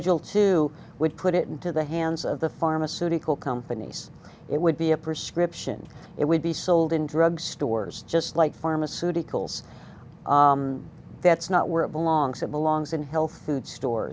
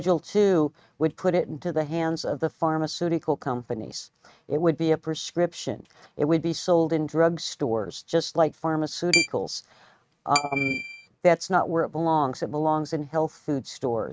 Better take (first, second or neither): first